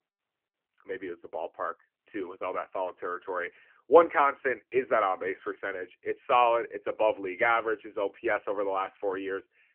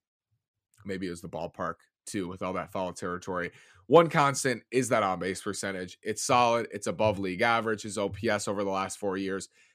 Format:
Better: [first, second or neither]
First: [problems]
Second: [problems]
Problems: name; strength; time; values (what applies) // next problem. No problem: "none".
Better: second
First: phone-call audio; nothing above 3 kHz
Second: none